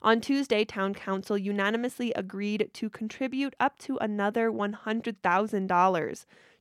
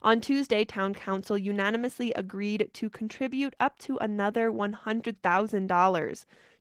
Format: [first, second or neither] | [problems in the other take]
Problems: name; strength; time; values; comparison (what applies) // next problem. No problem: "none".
first | garbled, watery; slightly; nothing above 18.5 kHz